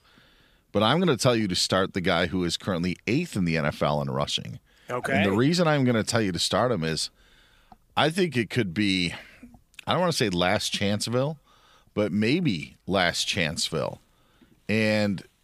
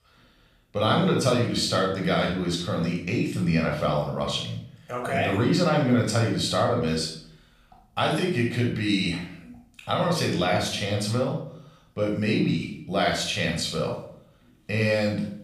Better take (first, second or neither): first